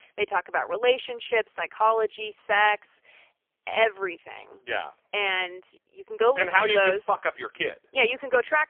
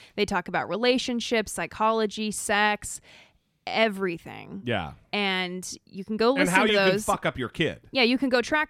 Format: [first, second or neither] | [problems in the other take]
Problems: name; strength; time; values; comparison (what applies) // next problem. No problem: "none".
second | phone-call audio; poor line; nothing above 3 kHz